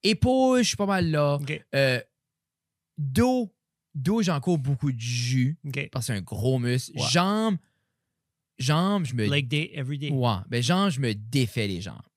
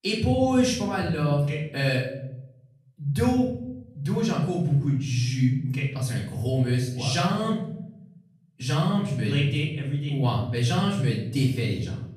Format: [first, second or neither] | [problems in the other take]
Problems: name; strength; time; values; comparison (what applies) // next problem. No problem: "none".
first | off-mic speech; far // room echo; noticeable; dies away in 0.8 s